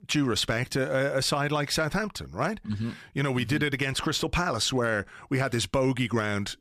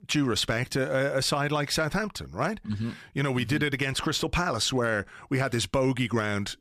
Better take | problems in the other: neither | none

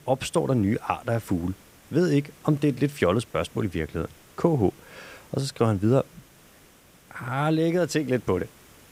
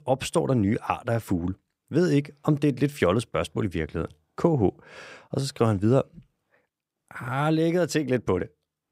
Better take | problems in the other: second | hiss; faint; throughout; 25 dB below the speech

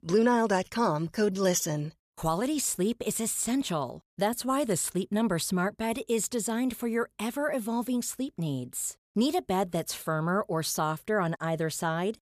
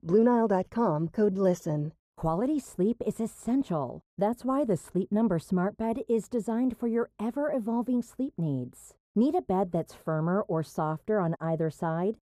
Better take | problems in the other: first | muffled; very; fading above 1.5 kHz

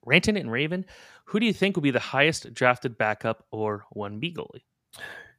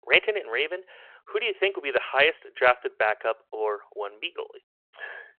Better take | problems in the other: first | phone-call audio

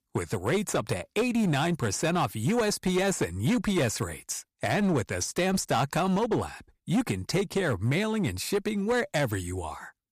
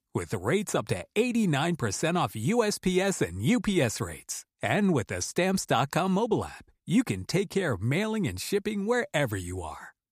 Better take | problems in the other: second | distortion; slight; 10% of the sound clipped

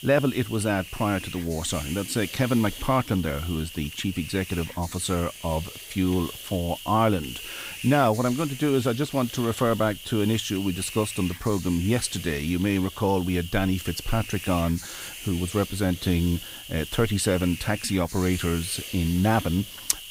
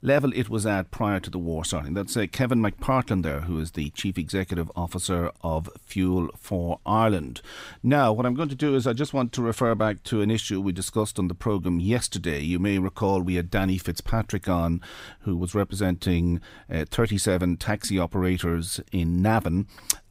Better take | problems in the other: second | hiss; noticeable; throughout; 10 dB below the speech

